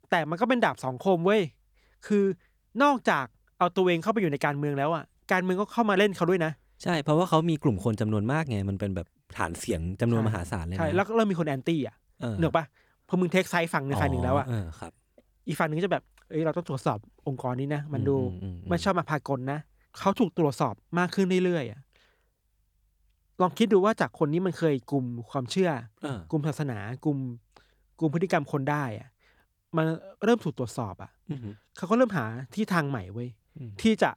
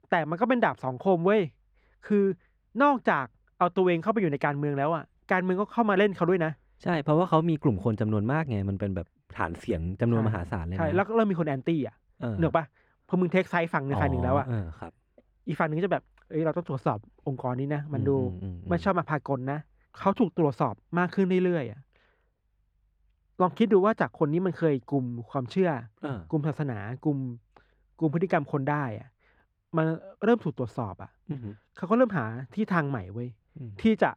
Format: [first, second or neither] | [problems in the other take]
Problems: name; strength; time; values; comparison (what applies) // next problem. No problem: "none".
first | muffled; slightly; fading above 4 kHz